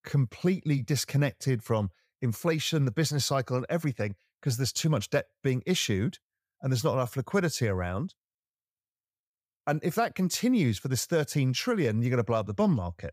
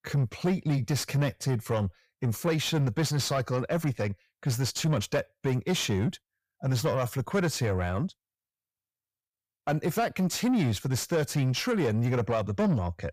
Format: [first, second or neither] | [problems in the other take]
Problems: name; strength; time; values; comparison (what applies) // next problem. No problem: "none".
first | distortion; slight; 10 dB below the speech